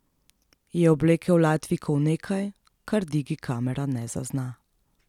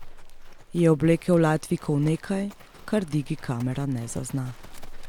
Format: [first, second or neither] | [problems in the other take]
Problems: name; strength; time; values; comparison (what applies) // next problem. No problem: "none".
first | background sound (Livestock, farm animals, working animals); 14 dB below the speech